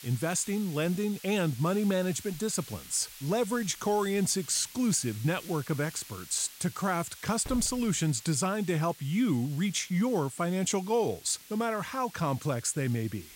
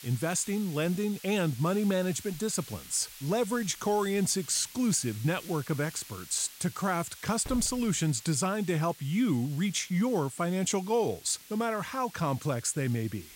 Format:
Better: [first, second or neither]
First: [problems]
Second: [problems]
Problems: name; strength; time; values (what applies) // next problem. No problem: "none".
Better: neither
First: hiss; noticeable; throughout; 15 dB below the speech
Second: hiss; noticeable; throughout; 15 dB below the speech